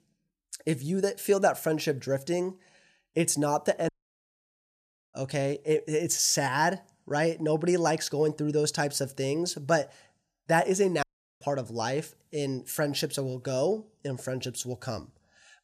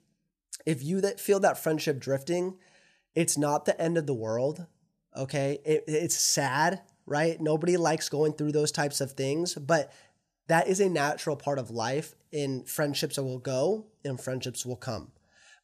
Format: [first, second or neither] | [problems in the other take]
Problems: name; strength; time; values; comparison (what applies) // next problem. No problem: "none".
second | audio cutting out; at 4 s for 1 s and at 11 s